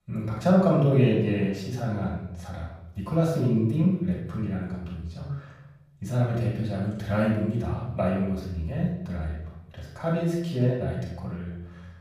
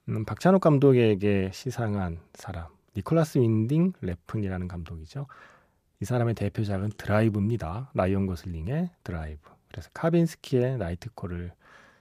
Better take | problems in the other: second | off-mic speech; far // room echo; noticeable; dies away in 0.8 s

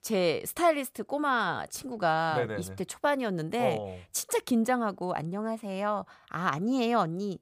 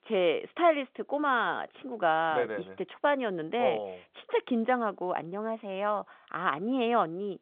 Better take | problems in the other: first | phone-call audio; nothing above 3.5 kHz

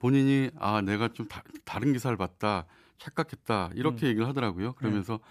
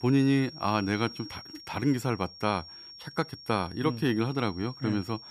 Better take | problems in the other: first | high-pitched whine; noticeable; throughout; 5.5 kHz, 15 dB below the speech

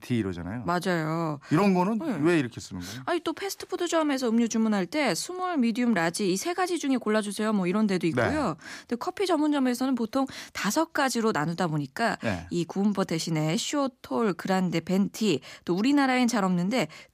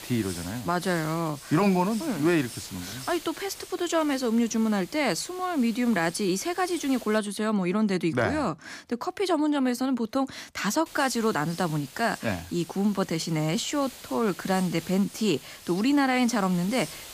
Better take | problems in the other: first | hiss; noticeable; until 7 s and from 11 s on; 15 dB below the speech

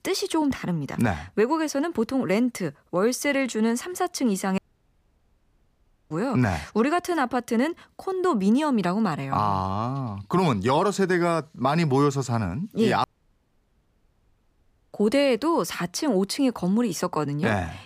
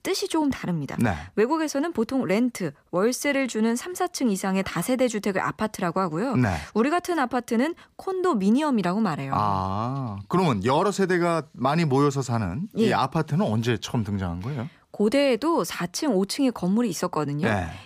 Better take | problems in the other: second | audio cutting out; at 4.5 s for 1.5 s and at 13 s for 2 s

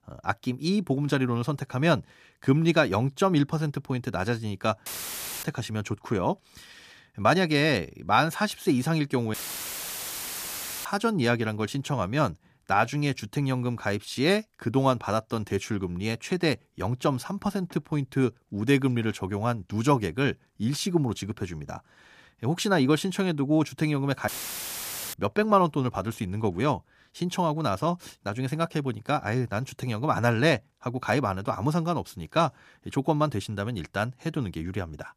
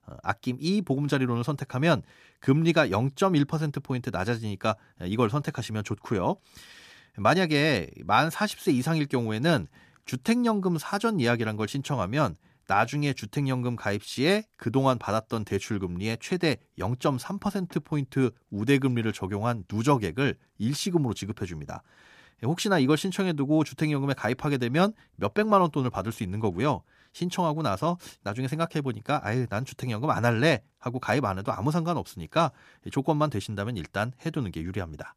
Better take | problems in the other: second | audio cutting out; filled with static; at 5 s for 0.5 s, at 9.5 s for 1.5 s and at 24 s for 1 s

